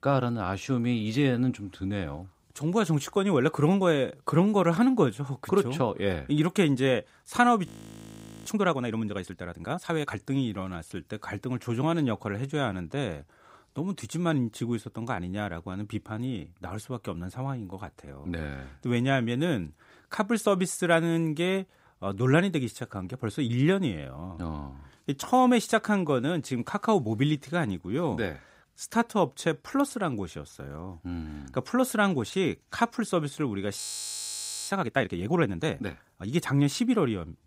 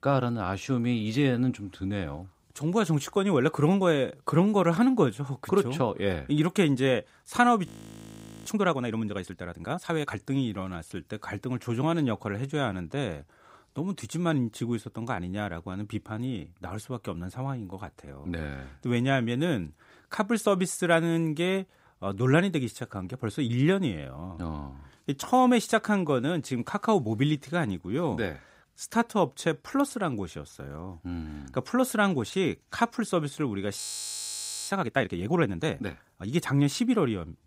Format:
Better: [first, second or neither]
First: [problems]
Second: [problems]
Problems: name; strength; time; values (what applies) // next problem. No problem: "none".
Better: neither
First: audio freezing; at 7.5 s for 1 s and at 34 s for 1 s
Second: audio freezing; at 7.5 s for 1 s and at 34 s for 1 s